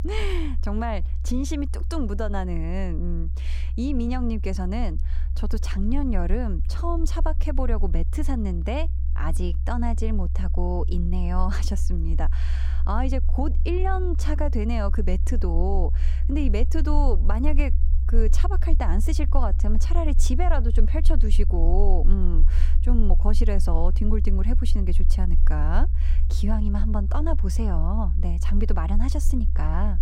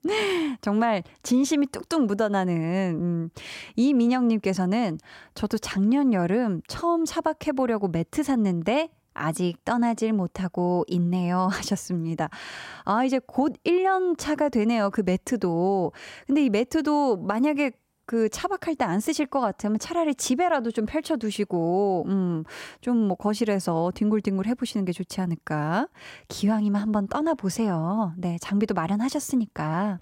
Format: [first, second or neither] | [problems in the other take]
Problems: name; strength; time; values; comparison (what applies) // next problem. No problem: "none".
second | low rumble; noticeable; throughout; 15 dB below the speech